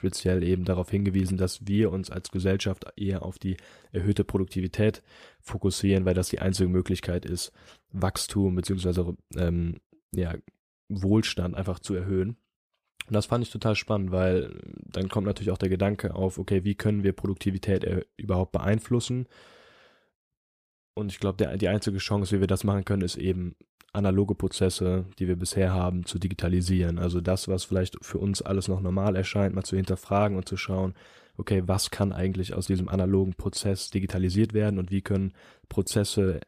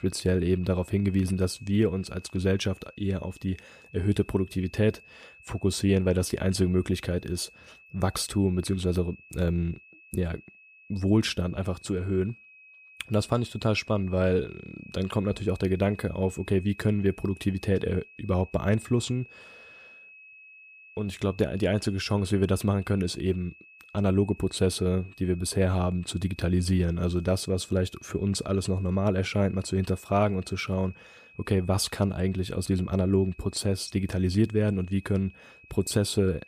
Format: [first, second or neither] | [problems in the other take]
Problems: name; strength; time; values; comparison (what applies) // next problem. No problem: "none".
first | high-pitched whine; faint; throughout; 2.5 kHz, 25 dB below the speech